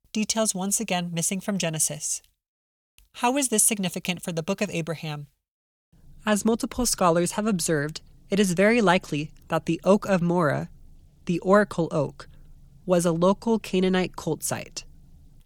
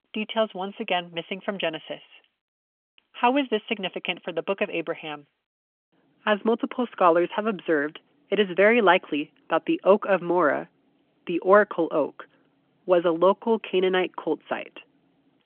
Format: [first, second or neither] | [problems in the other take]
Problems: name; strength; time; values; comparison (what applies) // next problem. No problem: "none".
first | phone-call audio; nothing above 3 kHz